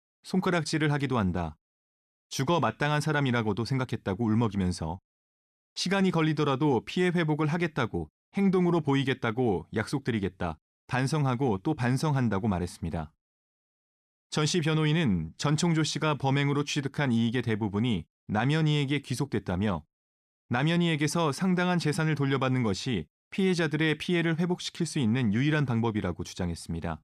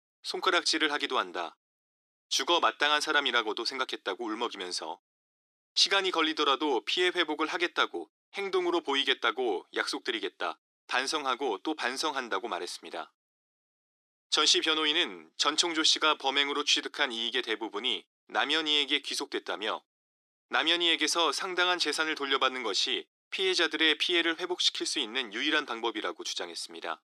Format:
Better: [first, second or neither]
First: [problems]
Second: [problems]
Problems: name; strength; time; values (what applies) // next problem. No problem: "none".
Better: first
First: none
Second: thin; very; fading below 350 Hz